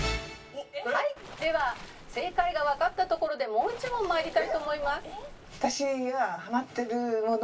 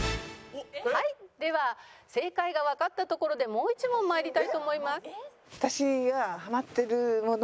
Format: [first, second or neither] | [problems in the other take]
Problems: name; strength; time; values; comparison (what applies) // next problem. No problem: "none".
second | background sound (Waves, surf); 15 dB below the speech // room echo; dies away in 0.2 s